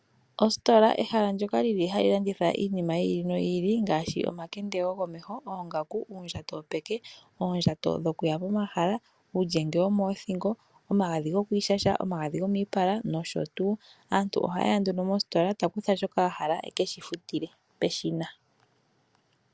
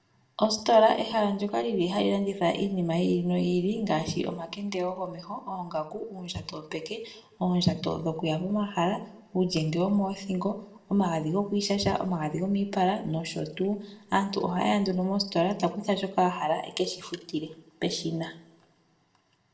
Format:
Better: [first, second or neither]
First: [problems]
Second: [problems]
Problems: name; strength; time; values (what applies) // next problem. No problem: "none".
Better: first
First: none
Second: room echo; dies away in 0.4 s